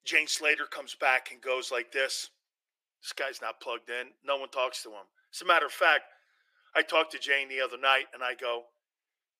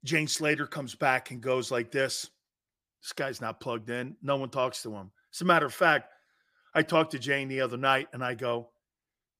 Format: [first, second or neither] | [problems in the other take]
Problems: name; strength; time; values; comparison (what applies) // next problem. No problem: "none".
second | thin; very; fading below 400 Hz